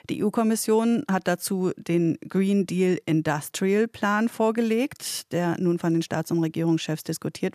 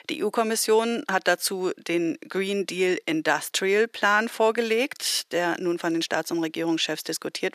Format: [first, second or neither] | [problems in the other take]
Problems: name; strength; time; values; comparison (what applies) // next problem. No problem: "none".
first | thin; somewhat; fading below 450 Hz